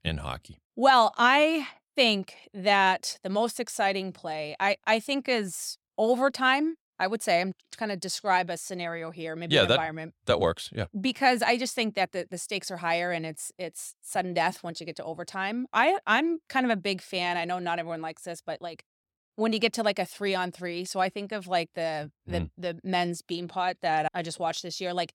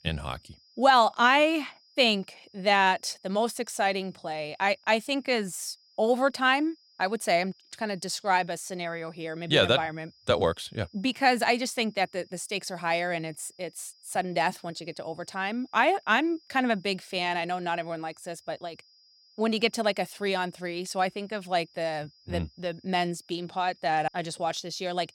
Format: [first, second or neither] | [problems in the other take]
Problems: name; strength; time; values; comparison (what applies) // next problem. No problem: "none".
first | high-pitched whine; faint; throughout; 5 kHz, 30 dB below the speech